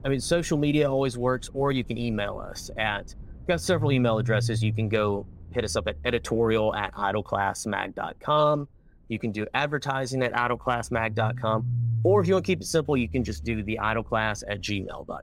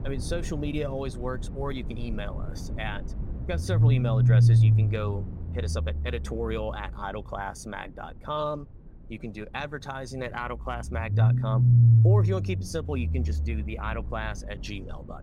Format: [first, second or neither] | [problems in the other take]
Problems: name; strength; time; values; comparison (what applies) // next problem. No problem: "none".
first | low rumble; loud; throughout; 3 dB below the speech; faint in the first